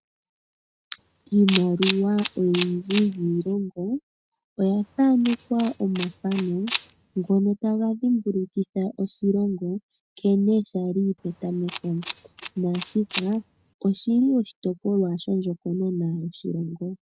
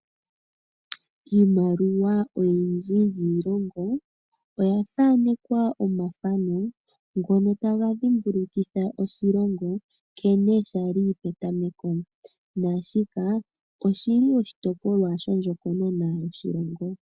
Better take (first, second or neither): second